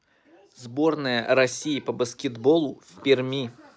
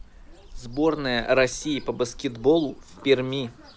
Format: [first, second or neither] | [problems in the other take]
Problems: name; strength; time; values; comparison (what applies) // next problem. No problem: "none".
first | background sound (Cricket / Bird); 18 dB below the speech